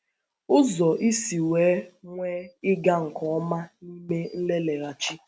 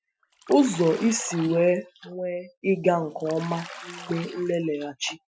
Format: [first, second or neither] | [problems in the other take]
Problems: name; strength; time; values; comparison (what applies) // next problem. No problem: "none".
first | noise reduction (classical method Wiener filter)